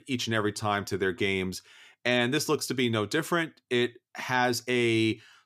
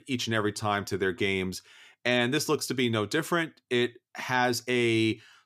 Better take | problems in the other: neither | none

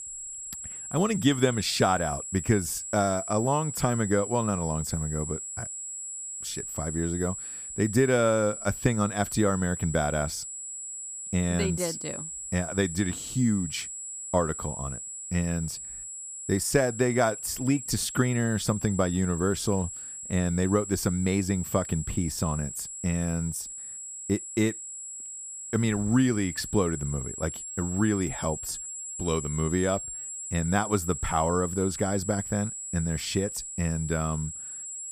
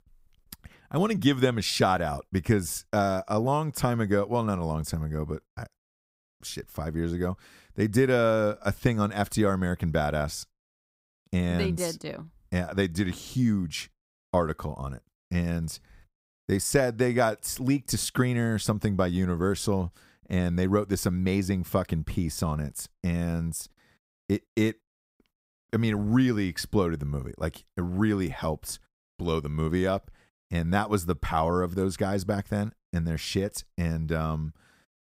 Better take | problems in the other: second | high-pitched whine; loud; throughout; 7.5 kHz, 7 dB below the speech

